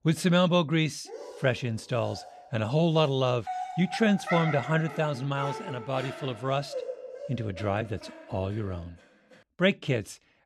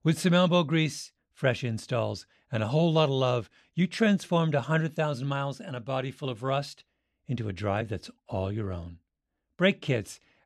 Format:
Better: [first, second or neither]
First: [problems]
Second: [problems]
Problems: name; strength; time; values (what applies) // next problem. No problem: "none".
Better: second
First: dog barking; noticeable; from 1 to 8 s; peak 3 dB below the speech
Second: none